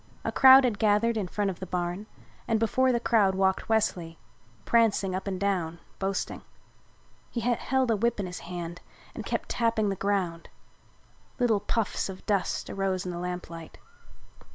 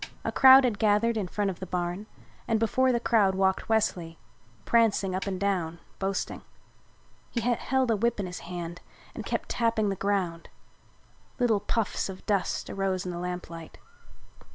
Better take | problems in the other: first | background sound (Snare drum); 19 dB below the speech

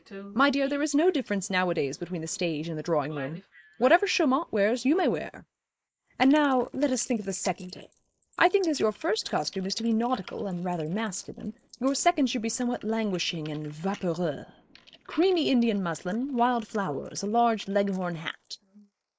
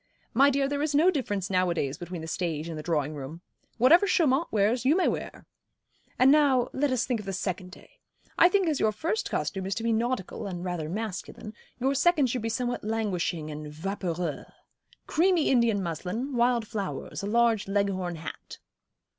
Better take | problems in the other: second | noise reduction (neural mask model Resemble Enhance denoiser)

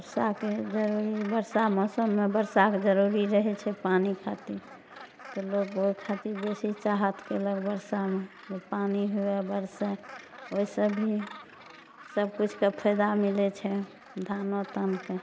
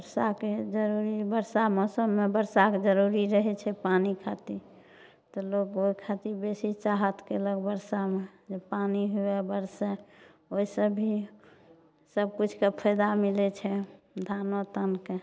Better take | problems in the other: second | background sound (Gull, seagull); 19 dB below the speech

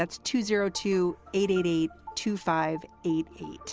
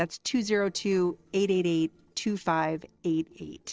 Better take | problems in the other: first | noise reduction (neural separator model SepFormer DNS4)

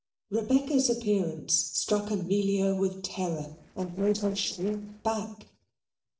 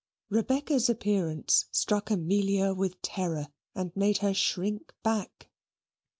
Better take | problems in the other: second | noise reduction (neural separator model SepFormer DNS4)

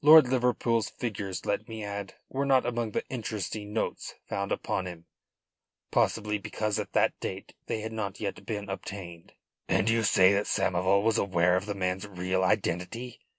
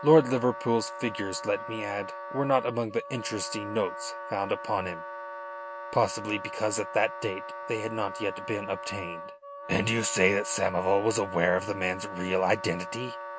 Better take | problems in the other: first | background sound (Wind instrument, woodwind instrument); 10 dB below the speech

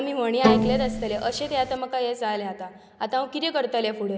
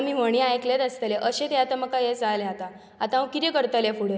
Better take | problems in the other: second | background sound (Bowed string instrument); 2 dB above the speech

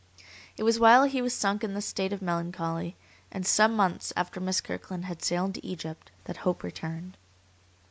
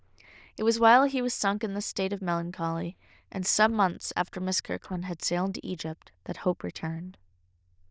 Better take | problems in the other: first | noise reduction (neural diffusion model UNIVERSE++)

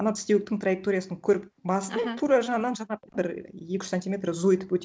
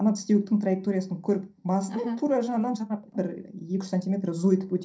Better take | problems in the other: first | room echo; dies away in 0.3 s

